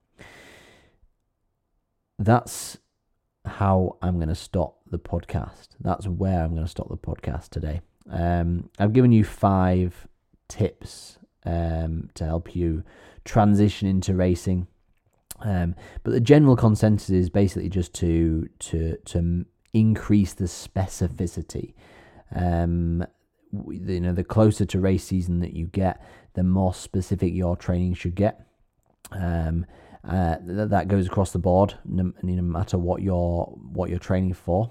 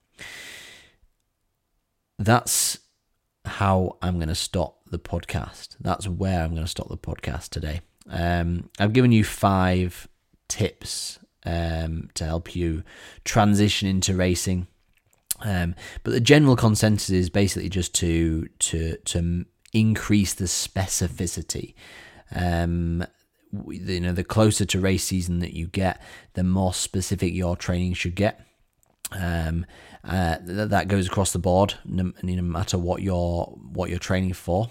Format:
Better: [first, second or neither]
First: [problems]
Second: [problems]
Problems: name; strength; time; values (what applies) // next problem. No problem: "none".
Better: second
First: muffled; slightly; fading above 1.5 kHz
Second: none